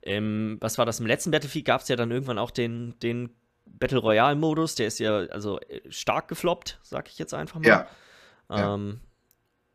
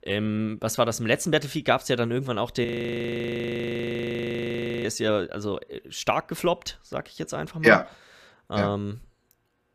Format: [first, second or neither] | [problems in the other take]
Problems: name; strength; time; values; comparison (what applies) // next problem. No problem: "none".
first | audio freezing; at 2.5 s for 2 s